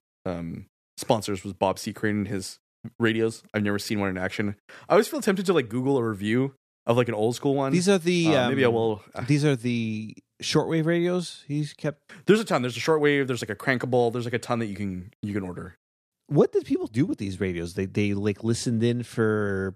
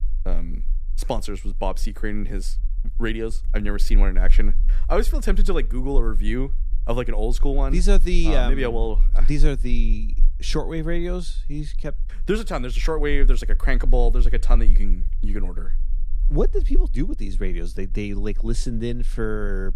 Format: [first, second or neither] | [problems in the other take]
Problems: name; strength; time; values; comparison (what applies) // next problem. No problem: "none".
first | low rumble; faint; throughout; 25 dB below the speech